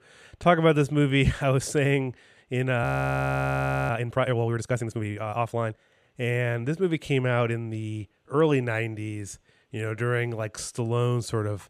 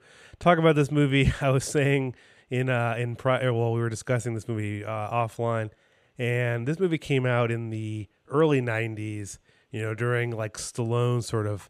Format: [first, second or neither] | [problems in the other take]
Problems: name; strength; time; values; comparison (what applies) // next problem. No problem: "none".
second | audio freezing; at 3 s for 1 s